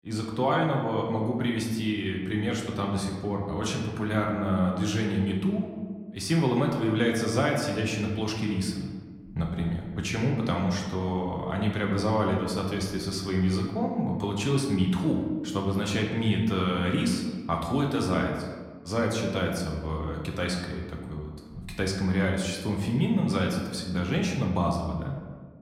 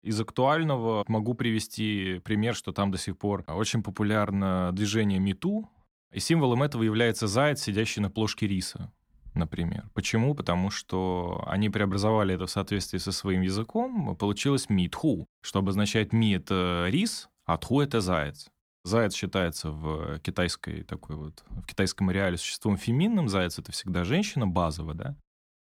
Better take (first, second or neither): second